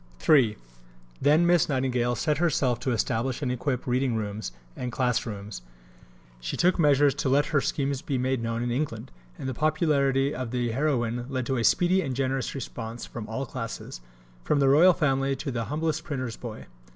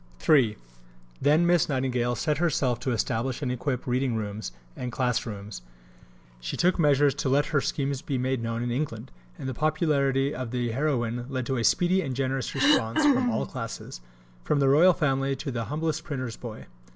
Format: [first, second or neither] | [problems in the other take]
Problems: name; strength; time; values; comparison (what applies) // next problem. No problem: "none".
first | background sound (Cough); 2 dB above the speech